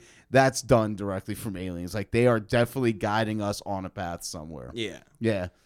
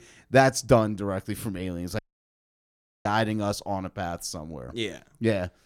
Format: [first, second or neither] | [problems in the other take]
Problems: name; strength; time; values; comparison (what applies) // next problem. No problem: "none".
first | audio cutting out; at 2 s for 1 s